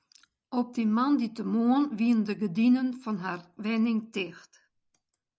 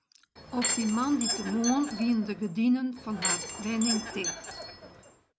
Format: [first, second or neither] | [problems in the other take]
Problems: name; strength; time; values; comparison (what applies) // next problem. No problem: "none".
first | background sound (Door / Chime); 4 dB below the speech